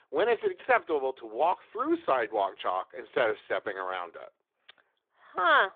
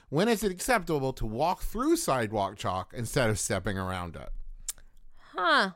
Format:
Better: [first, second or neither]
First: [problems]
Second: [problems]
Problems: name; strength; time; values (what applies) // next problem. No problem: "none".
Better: second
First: phone-call audio; nothing above 3.5 kHz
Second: none